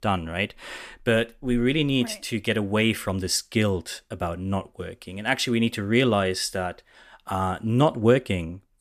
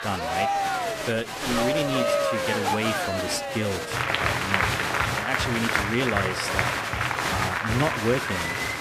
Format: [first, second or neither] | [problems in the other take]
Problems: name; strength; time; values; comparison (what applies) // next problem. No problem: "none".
first | crowd noise; very loud; throughout; 4 dB above the speech